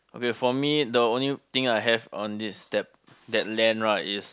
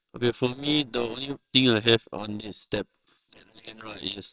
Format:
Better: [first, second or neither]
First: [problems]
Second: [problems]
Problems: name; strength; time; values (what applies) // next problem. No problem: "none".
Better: first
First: none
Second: noise reduction (neural separator model SepFormer WHAMR!)